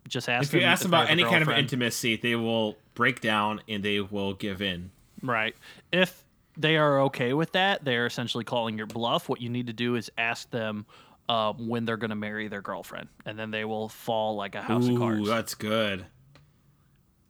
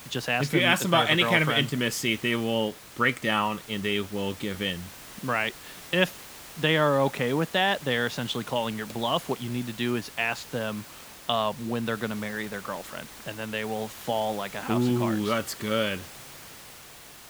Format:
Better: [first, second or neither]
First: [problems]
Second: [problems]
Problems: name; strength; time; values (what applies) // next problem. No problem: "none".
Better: first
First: none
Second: hiss; noticeable; throughout; 15 dB below the speech